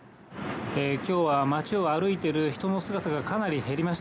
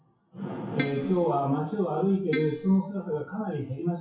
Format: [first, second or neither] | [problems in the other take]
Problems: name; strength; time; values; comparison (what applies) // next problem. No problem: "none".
first | noise reduction (classical method WPE with log-MMSE)